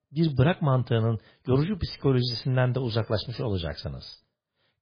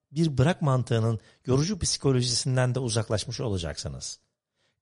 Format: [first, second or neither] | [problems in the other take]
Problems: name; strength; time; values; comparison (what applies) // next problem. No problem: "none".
second | garbled, watery; badly; nothing above 5 kHz; slightly in the second